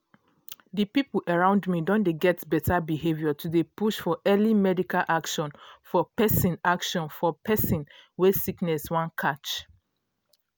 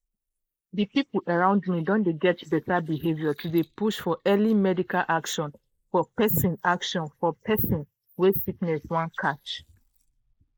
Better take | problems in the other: first | noise reduction (neural mask model Resemble Enhance denoiser)

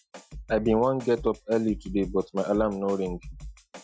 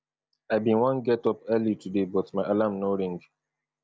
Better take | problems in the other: second | noise reduction (classical method Wiener filter)

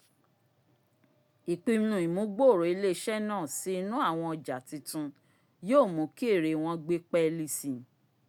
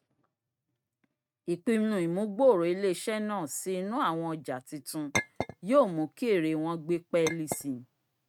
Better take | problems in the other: first | noise reduction (neural mask model RNNoise)

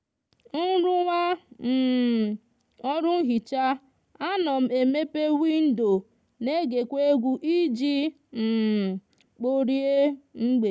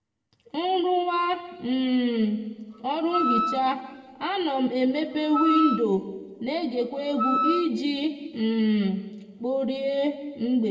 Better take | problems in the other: first | background sound (Wind instrument, woodwind instrument); 4 dB below the speech // room echo; dies away in 1.3 s

